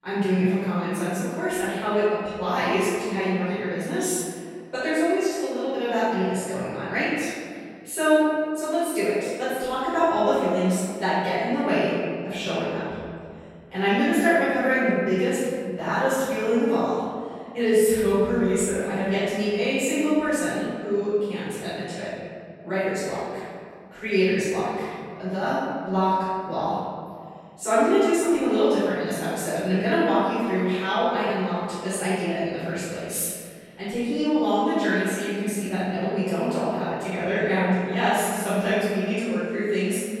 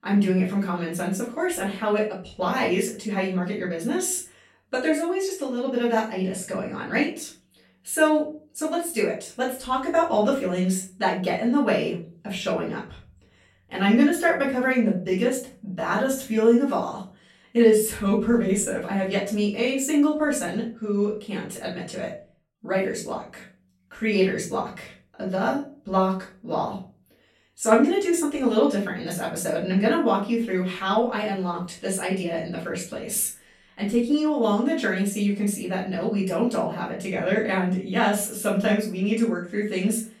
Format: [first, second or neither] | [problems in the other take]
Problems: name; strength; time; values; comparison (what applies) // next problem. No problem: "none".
second | room echo; strong; dies away in 2.1 s; slight in the second // off-mic speech; far; far in the second